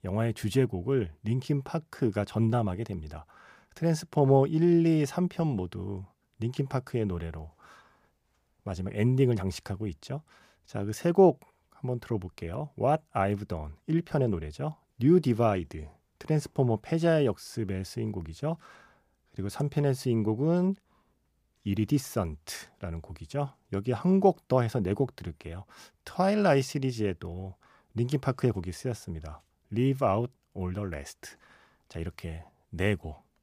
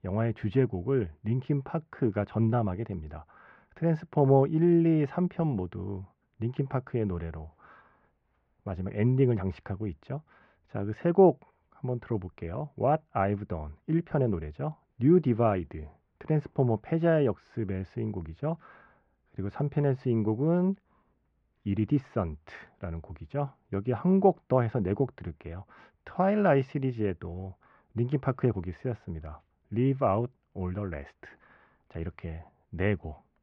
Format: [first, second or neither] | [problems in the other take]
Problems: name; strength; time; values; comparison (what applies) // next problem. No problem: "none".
first | muffled; very; fading above 2.5 kHz